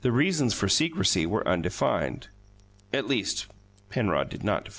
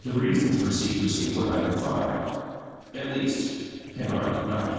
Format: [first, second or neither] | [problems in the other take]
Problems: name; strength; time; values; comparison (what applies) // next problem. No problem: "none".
first | noise reduction (neural separator model SepFormer DNS4)